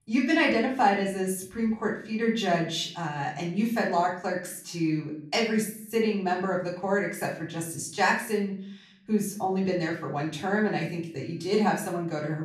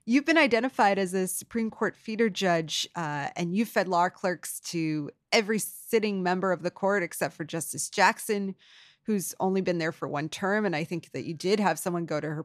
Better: second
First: off-mic speech; far // room echo; slight; dies away in 0.5 s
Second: none

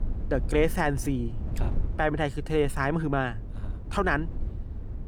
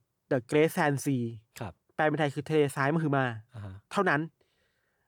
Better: second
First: wind noise on the microphone; occasional gusts; 20 dB below the speech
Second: none

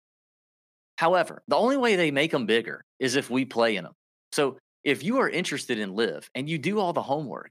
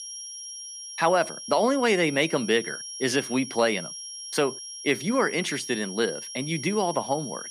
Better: first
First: none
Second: high-pitched whine; loud; throughout; 5.5 kHz, 10 dB below the speech

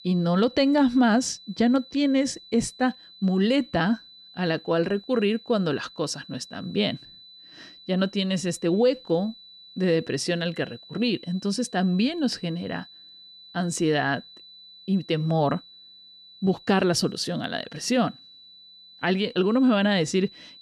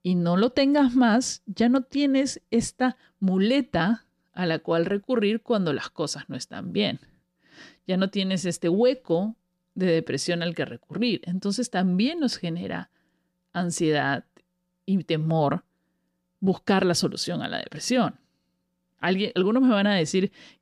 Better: second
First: high-pitched whine; faint; throughout; 4 kHz, 20 dB below the speech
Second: none

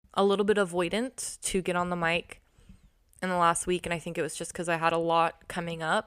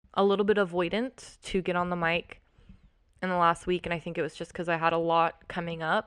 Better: first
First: none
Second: muffled; slightly; fading above 3.5 kHz

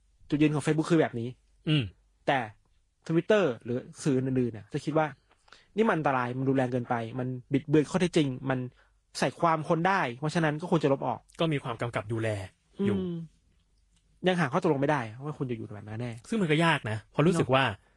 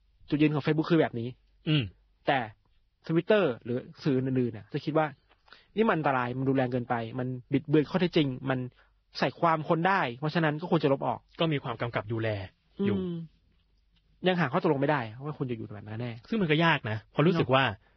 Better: first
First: garbled, watery; slightly; nothing above 10.5 kHz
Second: garbled, watery; badly; nothing above 5.5 kHz

